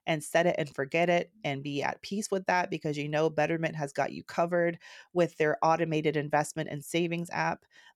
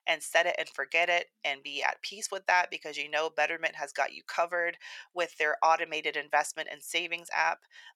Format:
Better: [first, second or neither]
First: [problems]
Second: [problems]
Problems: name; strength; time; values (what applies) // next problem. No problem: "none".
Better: first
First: none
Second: thin; very; fading below 850 Hz